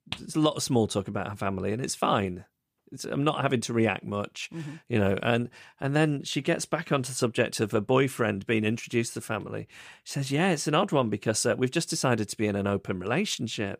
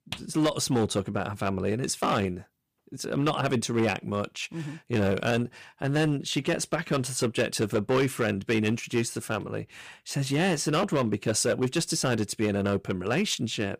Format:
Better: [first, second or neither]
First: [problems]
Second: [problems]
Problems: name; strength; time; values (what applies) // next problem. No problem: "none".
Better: first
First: none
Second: distortion; slight; 6% of the sound clipped